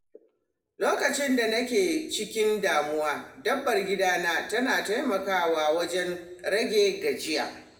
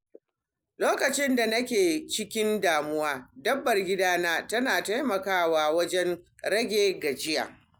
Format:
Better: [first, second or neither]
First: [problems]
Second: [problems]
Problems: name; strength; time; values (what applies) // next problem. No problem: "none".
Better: second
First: room echo; dies away in 0.8 s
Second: none